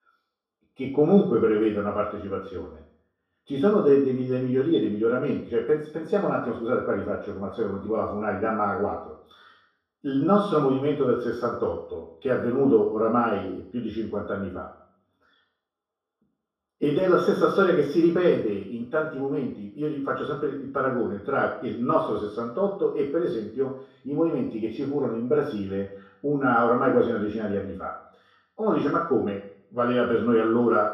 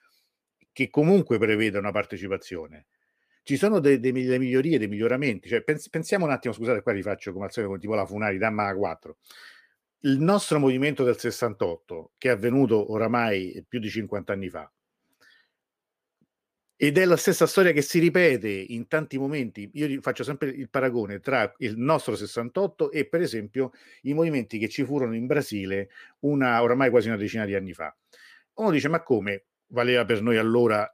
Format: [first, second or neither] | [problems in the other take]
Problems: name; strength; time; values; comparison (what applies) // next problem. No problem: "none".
second | room echo; noticeable; dies away in 0.6 s // off-mic speech; far